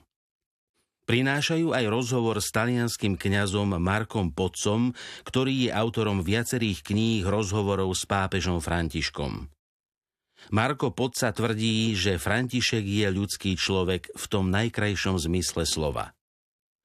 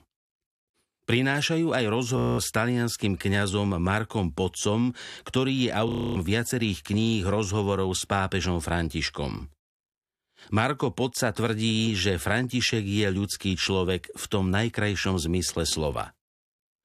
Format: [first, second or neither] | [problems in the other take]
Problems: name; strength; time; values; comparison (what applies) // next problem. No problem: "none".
first | audio freezing; at 2 s and at 6 s